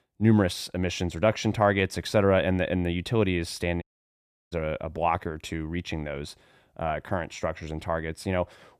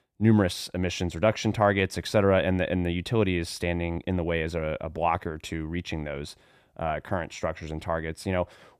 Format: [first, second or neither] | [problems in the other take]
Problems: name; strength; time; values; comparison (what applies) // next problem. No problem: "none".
second | audio cutting out; at 4 s for 0.5 s